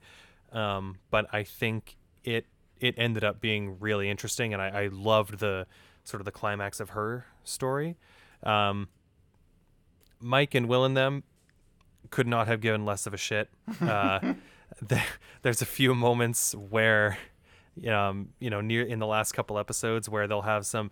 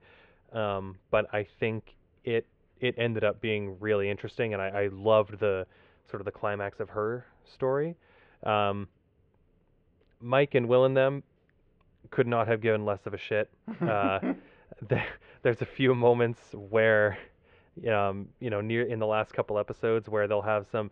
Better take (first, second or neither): first